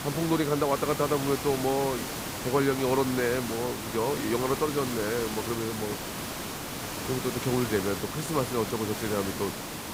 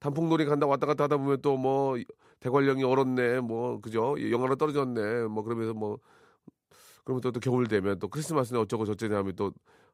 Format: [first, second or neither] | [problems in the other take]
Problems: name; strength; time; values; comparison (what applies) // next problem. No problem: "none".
second | hiss; loud; throughout; 5 dB below the speech